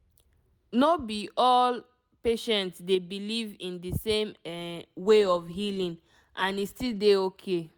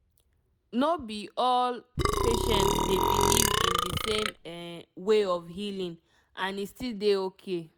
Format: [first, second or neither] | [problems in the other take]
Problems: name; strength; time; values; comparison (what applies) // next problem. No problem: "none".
first | background sound (Burping, eructation); 4 dB above the speech